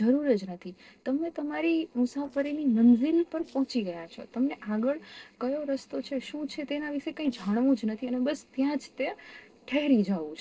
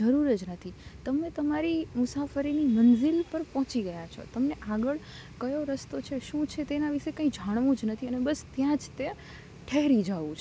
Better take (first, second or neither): second